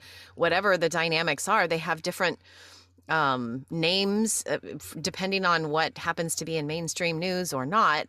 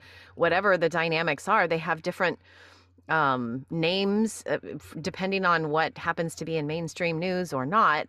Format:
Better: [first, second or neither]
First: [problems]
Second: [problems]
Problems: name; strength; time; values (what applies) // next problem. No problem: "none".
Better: first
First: none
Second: muffled; slightly; fading above 4 kHz